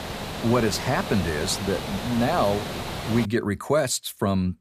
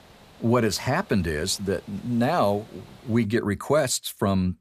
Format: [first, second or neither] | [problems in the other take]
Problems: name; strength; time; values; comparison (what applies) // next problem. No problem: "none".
second | hiss; loud; until 3.5 s; 7 dB below the speech; faint in the second